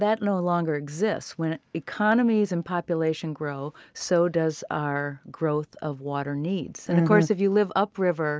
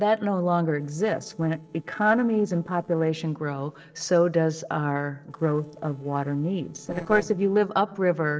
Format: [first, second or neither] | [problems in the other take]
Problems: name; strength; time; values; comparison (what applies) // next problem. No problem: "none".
first | noise reduction (neural separator model SepFormer DNS4)